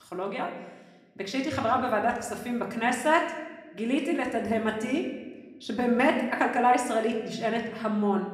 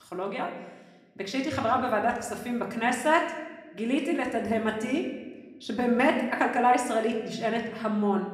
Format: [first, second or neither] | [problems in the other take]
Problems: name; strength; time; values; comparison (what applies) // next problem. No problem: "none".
neither | room echo; slight; dies away in 1 s; the same in both // off-mic speech; somewhat distant; the same in both